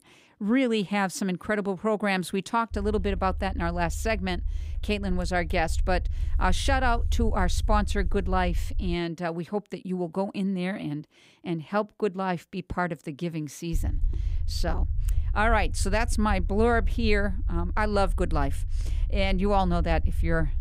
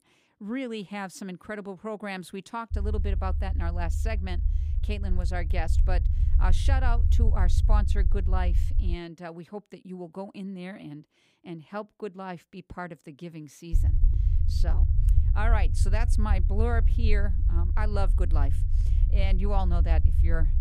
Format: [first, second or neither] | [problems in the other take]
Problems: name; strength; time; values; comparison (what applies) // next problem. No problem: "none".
first | low rumble; loud; from 2.5 to 9 s and from 14 s on; 10 dB below the speech; faint in the first